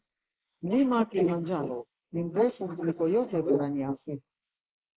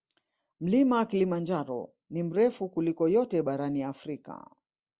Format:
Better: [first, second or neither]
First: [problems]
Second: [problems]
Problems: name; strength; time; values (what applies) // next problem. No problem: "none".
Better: second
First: noise reduction (neural mask model Resemble Enhance denoiser)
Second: none